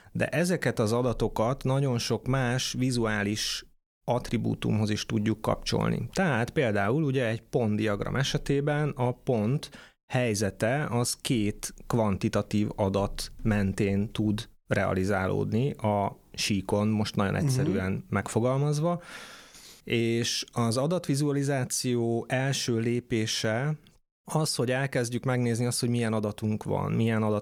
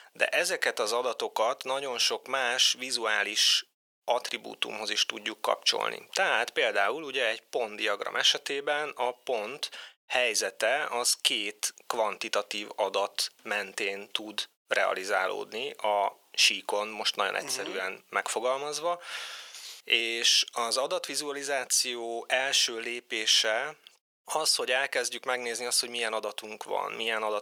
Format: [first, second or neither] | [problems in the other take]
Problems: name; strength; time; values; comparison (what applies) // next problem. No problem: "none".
first | thin; very; fading below 550 Hz